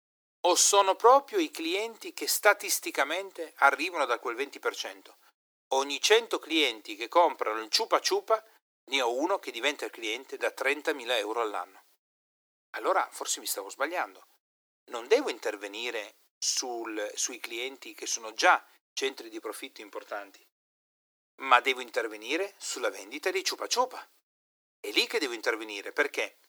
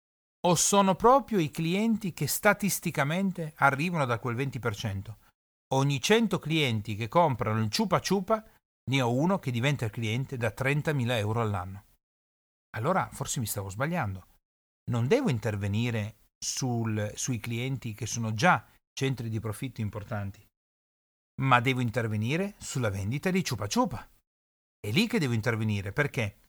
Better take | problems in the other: second | thin; very; fading below 300 Hz

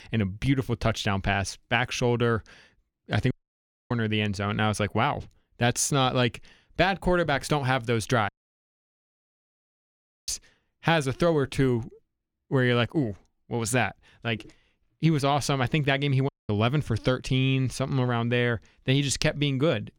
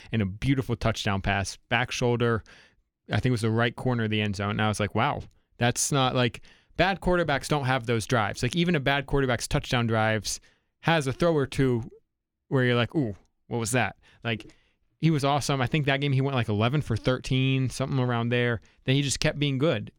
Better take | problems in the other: second | audio cutting out; at 3.5 s for 0.5 s, at 8.5 s for 2 s and at 16 s

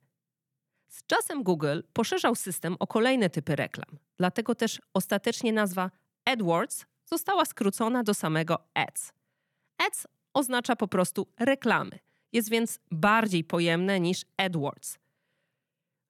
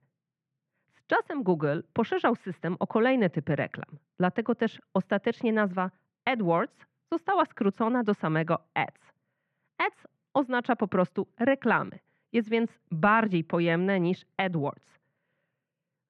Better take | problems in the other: first | muffled; very; fading above 2.5 kHz

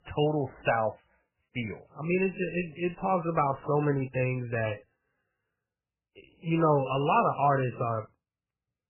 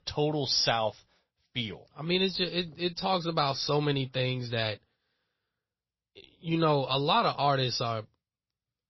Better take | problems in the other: second | garbled, watery; badly; nothing above 3 kHz; slightly in the second

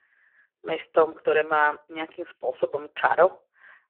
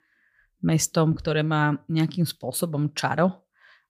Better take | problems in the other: second | phone-call audio; poor line

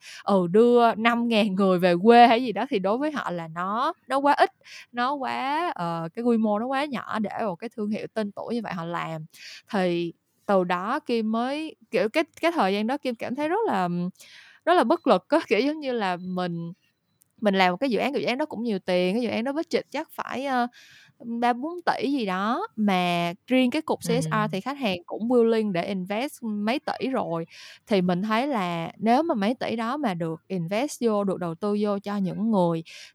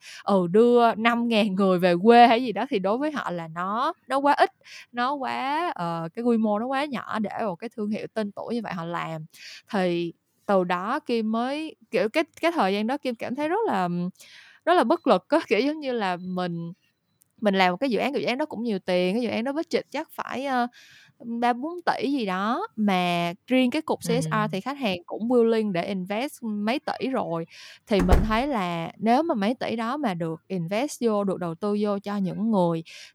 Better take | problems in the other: first | door banging; loud; at 28 s; peak level with the speech

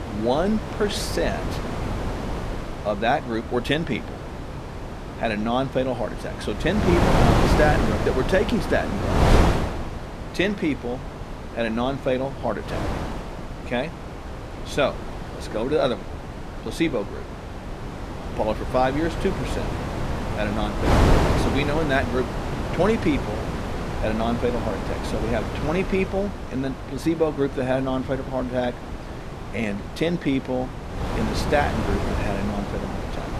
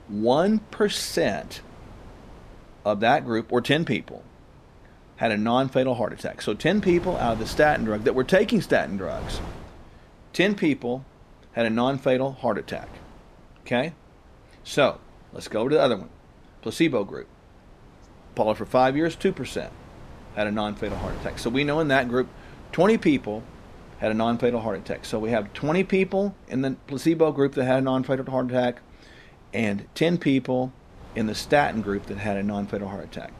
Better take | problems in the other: second | wind noise on the microphone; heavy; 4 dB below the speech; occasional gusts in the second

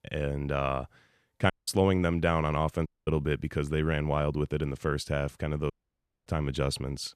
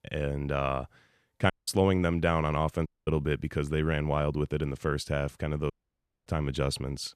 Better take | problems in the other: neither | audio cutting out; at 1.5 s, at 3 s and at 5.5 s for 0.5 s; the same in both

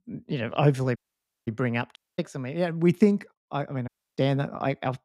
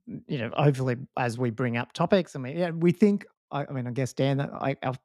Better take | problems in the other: second | audio cutting out; at 1 s for 0.5 s, at 2 s and at 4 s

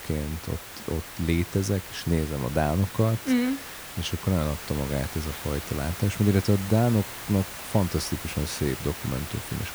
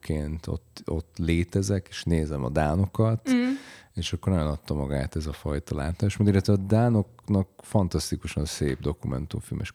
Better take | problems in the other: second | hiss; loud; throughout; 9 dB below the speech

